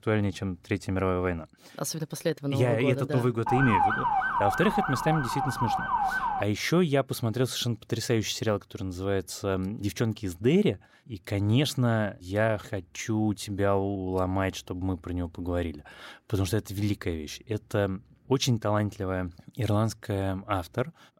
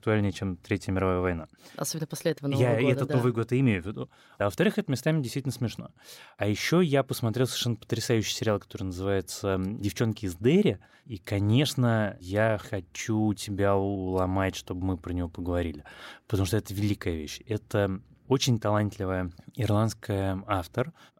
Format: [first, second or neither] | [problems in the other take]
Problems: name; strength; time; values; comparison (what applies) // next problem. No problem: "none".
second | siren; loud; from 3.5 to 6.5 s; peak 4 dB above the speech